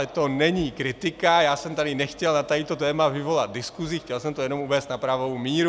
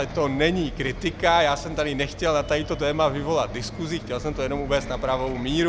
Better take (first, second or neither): first